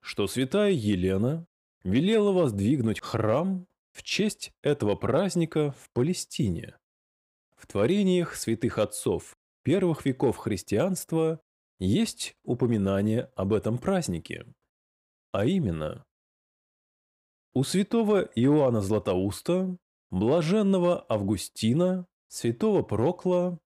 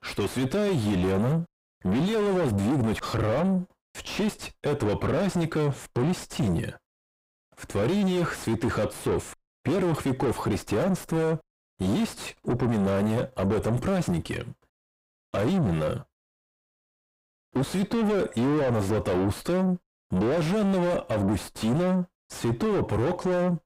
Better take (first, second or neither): first